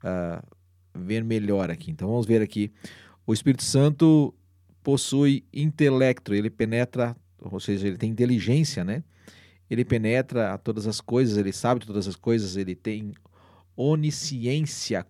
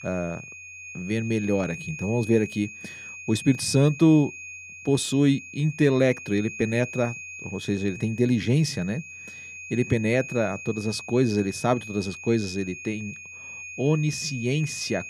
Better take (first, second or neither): first